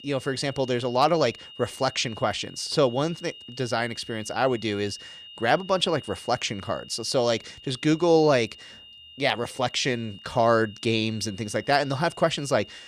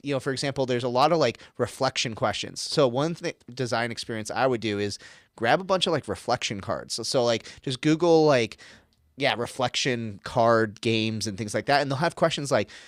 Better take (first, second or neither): second